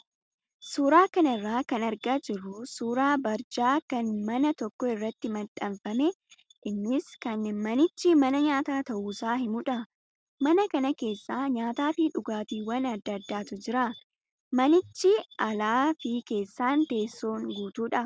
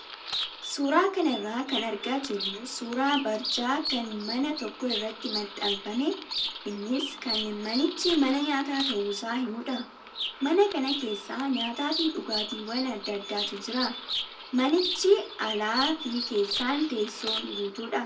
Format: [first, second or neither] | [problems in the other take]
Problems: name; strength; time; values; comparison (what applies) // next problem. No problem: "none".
first | background sound (Bird vocalization, bird call, bird song); 7 dB below the speech // room echo; dies away in 0.2 s